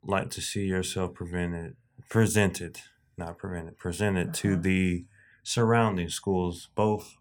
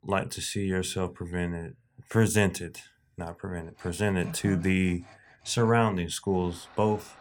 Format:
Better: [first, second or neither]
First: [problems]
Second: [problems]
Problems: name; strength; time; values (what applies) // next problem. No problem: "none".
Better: first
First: none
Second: machinery noise; faint; from 3.5 s on; 25 dB below the speech